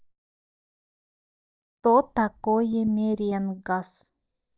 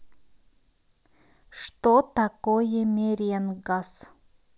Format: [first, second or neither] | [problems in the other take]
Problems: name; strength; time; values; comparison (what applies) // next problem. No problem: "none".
second | noise reduction (neural mask model DeepFilterNet 3)